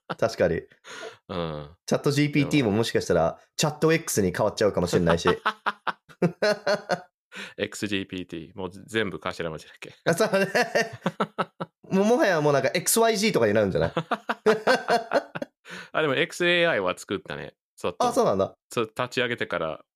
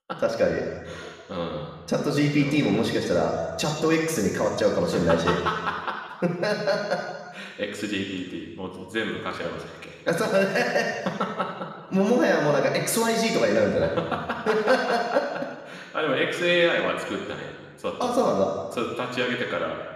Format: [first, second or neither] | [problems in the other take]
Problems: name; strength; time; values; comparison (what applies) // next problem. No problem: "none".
first | room echo; noticeable; dies away in 1.4 s // off-mic speech; somewhat distant